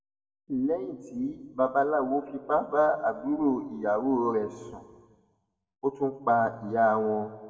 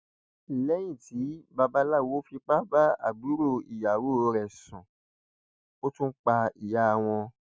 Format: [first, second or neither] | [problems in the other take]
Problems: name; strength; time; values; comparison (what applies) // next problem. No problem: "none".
second | room echo; dies away in 1.3 s